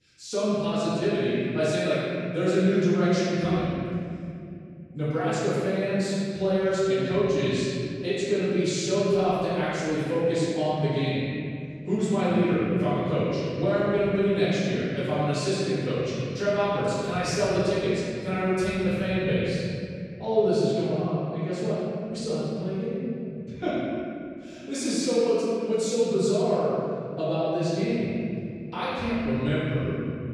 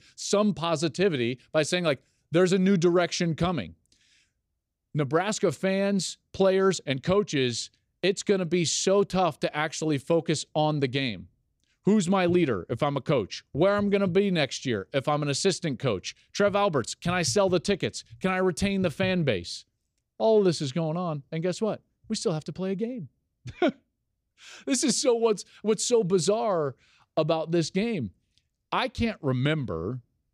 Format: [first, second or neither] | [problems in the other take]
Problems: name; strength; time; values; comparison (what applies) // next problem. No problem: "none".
second | off-mic speech; far // room echo; strong; dies away in 2.8 s